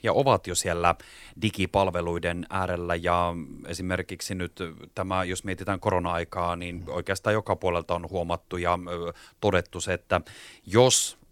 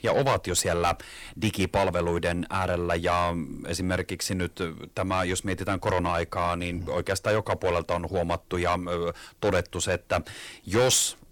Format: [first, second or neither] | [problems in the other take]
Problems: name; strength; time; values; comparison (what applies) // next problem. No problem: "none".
first | distortion; heavy; 7 dB below the speech